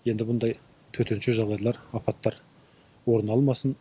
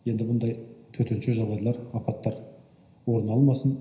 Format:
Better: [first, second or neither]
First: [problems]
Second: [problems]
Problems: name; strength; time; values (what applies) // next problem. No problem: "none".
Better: first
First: none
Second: room echo; dies away in 0.9 s